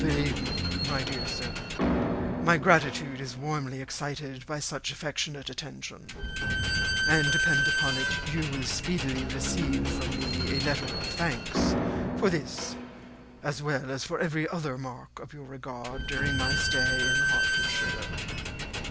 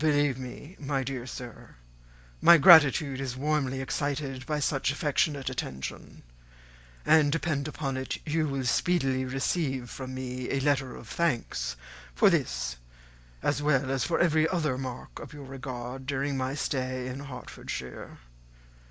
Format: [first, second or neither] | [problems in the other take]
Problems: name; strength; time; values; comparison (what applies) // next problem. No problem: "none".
second | background sound (Squeak / Slam); 1 dB above the speech